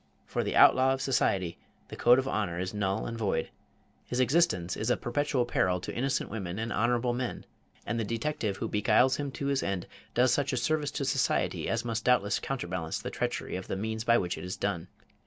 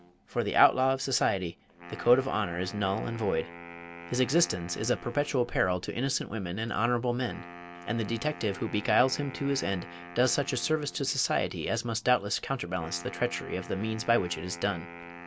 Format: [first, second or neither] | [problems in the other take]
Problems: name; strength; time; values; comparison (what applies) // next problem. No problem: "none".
first | background sound (Wind instrument, woodwind instrument); 17 dB below the speech